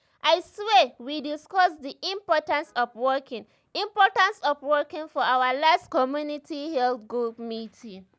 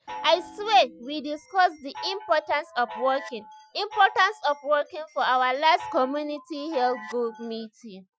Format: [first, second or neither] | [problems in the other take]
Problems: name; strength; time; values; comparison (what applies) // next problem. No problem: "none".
first | noise reduction (classical method Wiener filter)